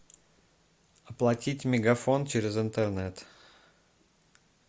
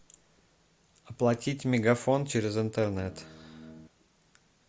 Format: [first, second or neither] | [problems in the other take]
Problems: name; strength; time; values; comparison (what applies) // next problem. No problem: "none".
first | background sound (Guitar); 17 dB below the speech